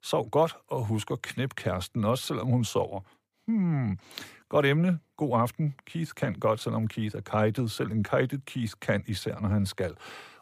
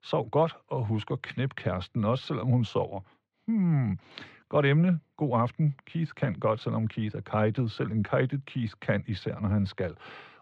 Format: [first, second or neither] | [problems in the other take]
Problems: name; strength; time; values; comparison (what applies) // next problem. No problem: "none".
first | muffled; slightly; fading above 3.5 kHz